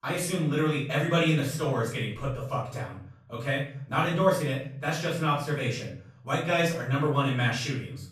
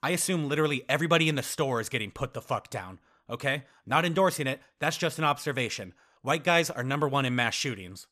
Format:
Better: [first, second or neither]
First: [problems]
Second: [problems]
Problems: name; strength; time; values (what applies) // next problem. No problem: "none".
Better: second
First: room echo; noticeable; dies away in 0.6 s // off-mic speech; far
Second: none